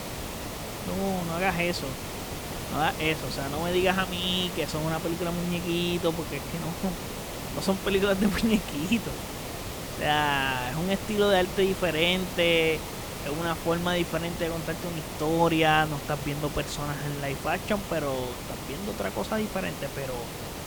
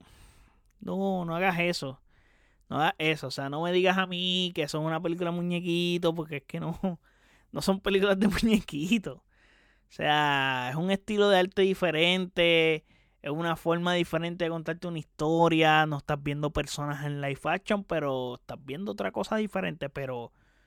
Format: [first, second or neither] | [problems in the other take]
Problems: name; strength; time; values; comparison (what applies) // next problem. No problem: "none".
second | hiss; loud; throughout; 7 dB below the speech